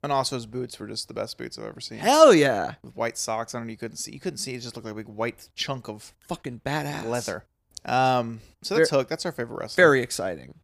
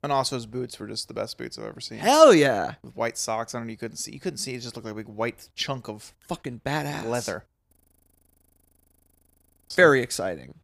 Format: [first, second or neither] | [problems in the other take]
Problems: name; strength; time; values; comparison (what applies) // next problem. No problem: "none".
first | audio freezing; at 7.5 s for 2 s